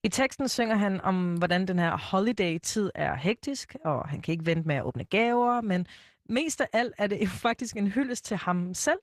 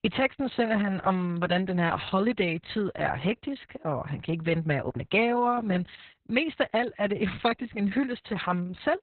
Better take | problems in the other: first | garbled, watery; badly; nothing above 4 kHz; slightly in the first

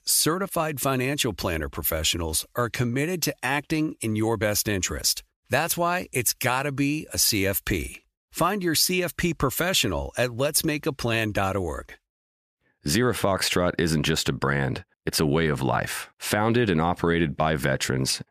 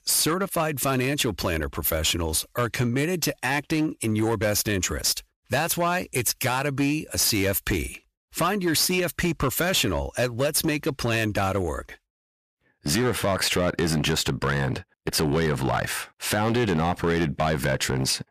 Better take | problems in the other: first | distortion; slight; 9% of the sound clipped

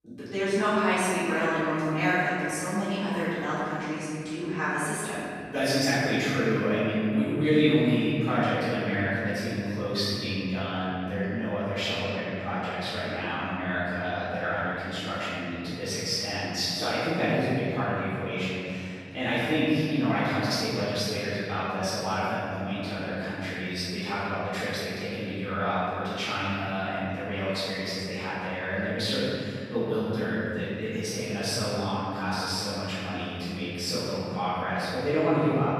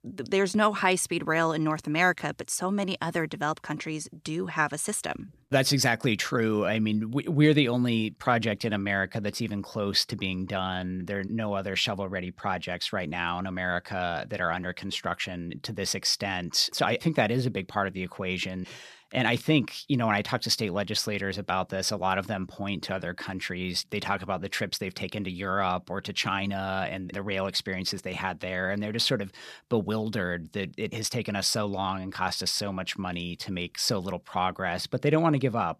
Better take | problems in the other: second | off-mic speech; far // room echo; strong; dies away in 2.5 s

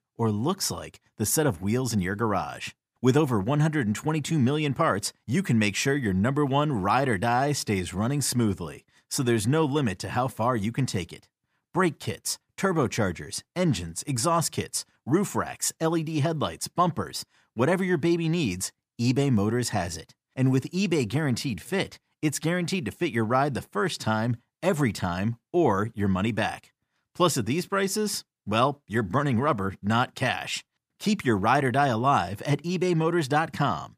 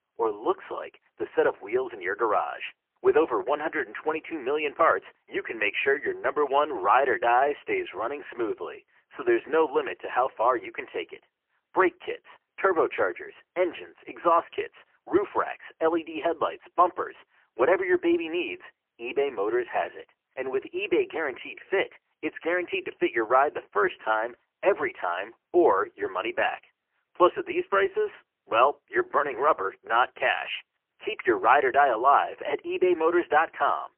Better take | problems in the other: first | phone-call audio; poor line; nothing above 3 kHz

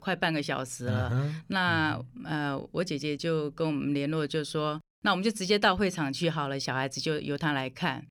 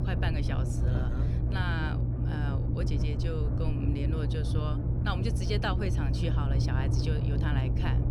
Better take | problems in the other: first | low rumble; loud; throughout; 3 dB below the speech

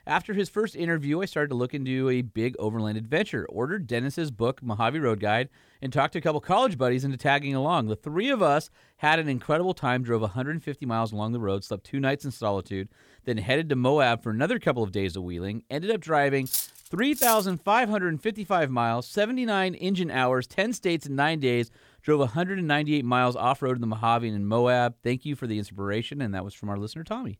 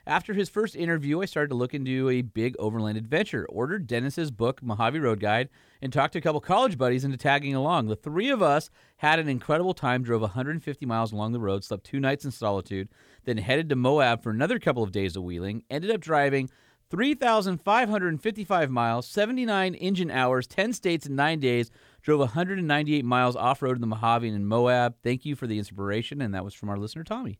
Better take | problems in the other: second | clattering dishes; loud; at 16 s; peak 1 dB above the speech

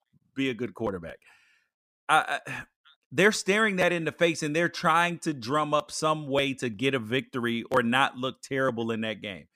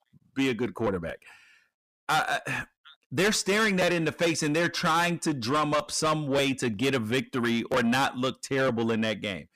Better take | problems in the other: first | distortion; heavy; 6 dB below the speech

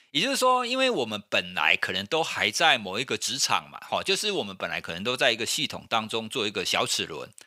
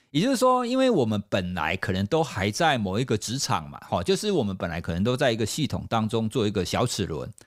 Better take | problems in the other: second | thin; somewhat; fading below 850 Hz

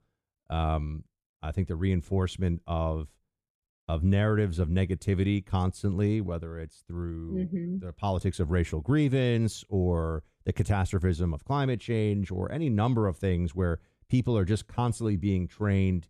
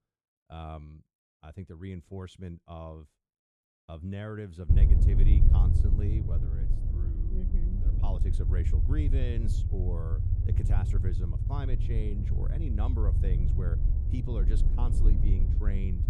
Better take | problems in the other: first | low rumble; loud; from 4.5 s on; 1 dB below the speech

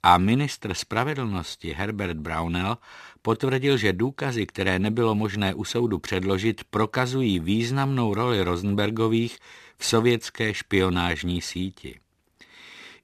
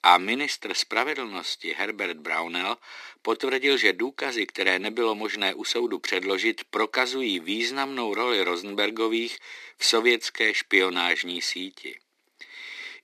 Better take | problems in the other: first | thin; somewhat; fading below 300 Hz

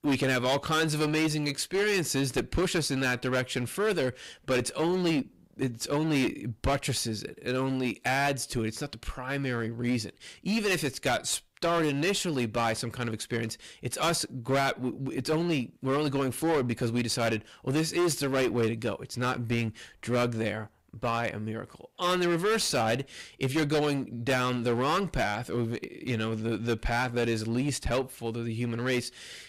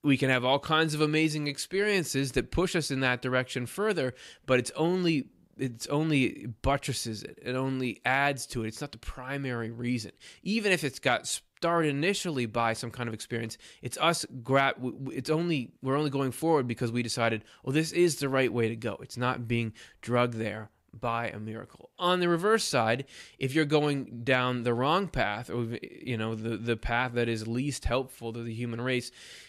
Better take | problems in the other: second | distortion; heavy; 13% of the sound clipped

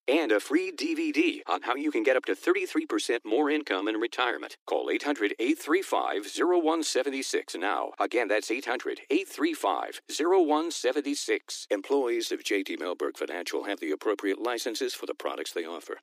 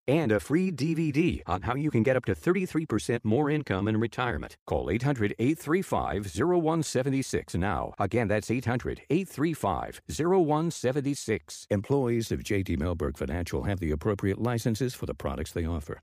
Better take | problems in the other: second | thin; somewhat; fading below 300 Hz

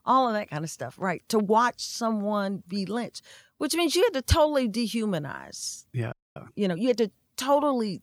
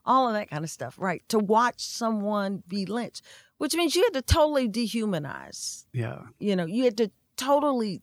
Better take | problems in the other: second | audio freezing; at 6 s

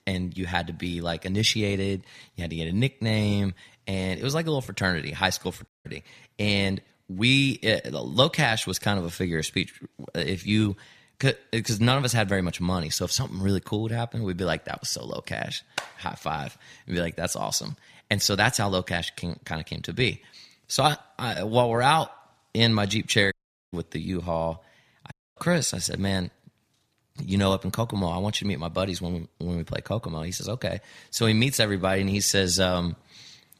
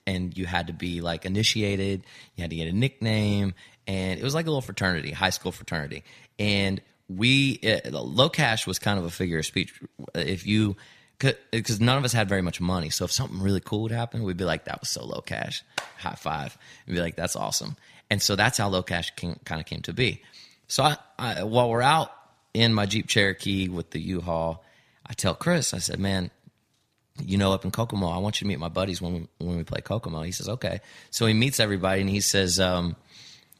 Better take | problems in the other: second | audio cutting out; at 5.5 s, at 23 s and at 25 s

